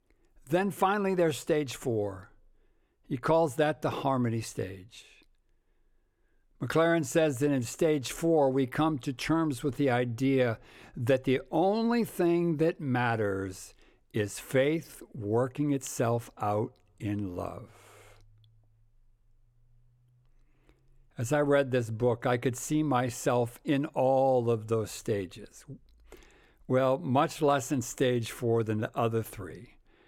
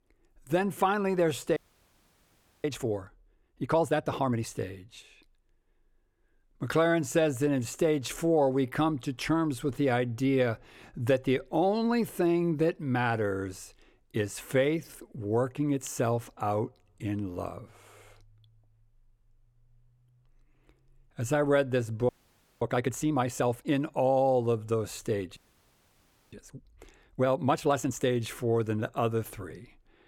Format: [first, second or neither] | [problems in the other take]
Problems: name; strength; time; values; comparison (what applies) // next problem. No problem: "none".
first | audio freezing; at 1.5 s for 1 s, at 22 s for 0.5 s and at 25 s for 1 s